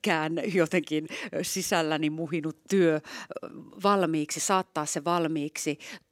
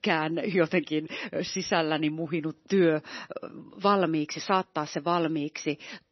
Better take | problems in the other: first | garbled, watery; slightly; nothing above 6 kHz

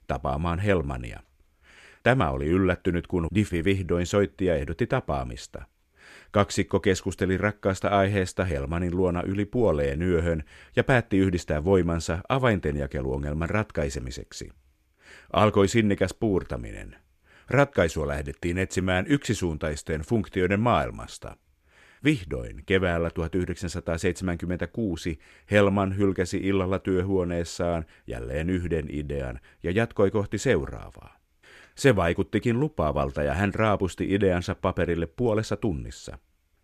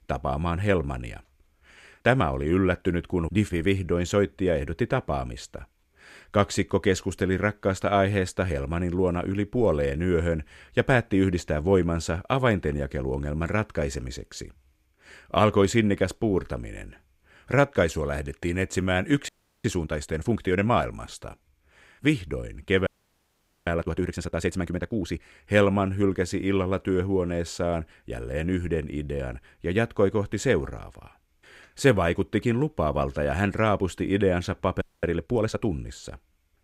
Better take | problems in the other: first | audio freezing; at 19 s, at 23 s for 1 s and at 35 s

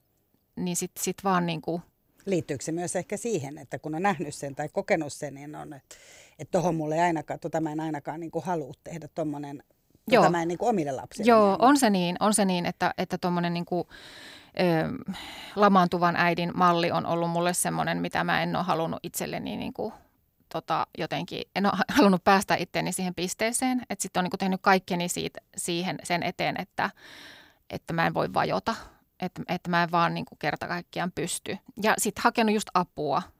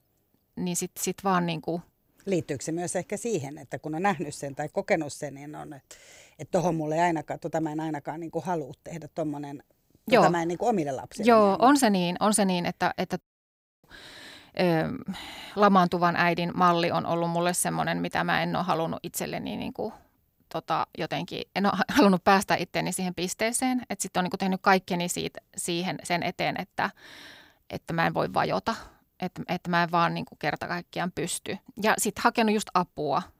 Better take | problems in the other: first | audio cutting out; at 13 s for 0.5 s

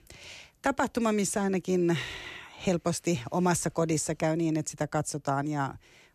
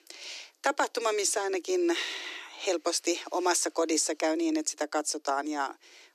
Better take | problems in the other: first | thin; very; fading below 300 Hz

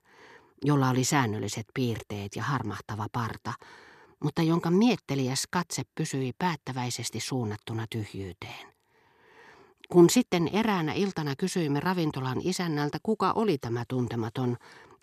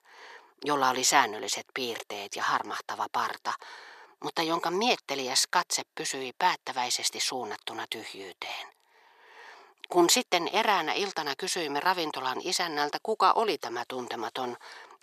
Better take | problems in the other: first | thin; very; fading below 650 Hz

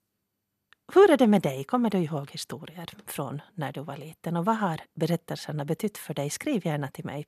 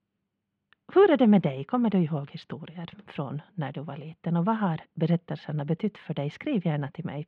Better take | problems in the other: first | muffled; very; fading above 3 kHz

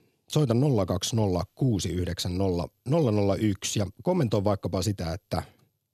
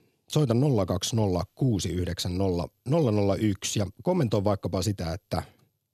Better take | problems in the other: neither | none

